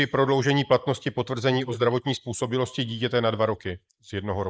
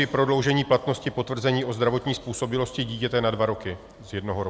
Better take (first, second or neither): second